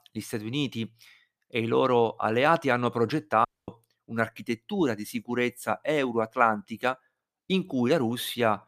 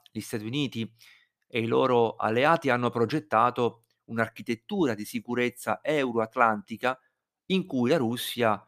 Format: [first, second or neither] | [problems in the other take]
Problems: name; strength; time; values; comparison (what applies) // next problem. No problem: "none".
second | audio cutting out; at 3.5 s